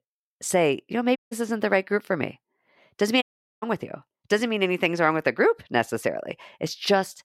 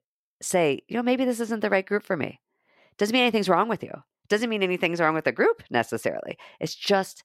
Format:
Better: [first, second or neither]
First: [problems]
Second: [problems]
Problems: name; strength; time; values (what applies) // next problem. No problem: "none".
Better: second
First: audio cutting out; at 1 s and at 3 s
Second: none